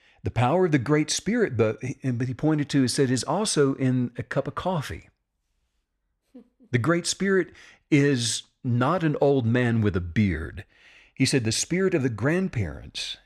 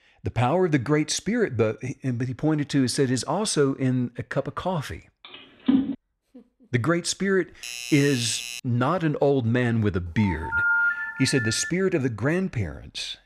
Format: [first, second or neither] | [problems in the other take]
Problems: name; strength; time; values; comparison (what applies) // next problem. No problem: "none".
first | phone ringing; loud; at 5.5 s and from 10 to 12 s; peak 4 dB above the speech // doorbell; noticeable; from 7.5 to 8.5 s; peak 7 dB below the speech